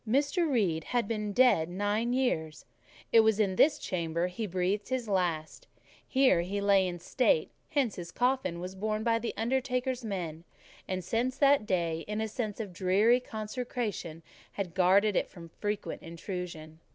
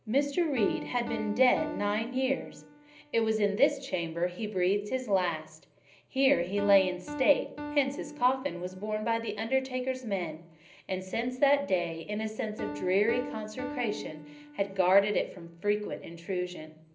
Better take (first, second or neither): first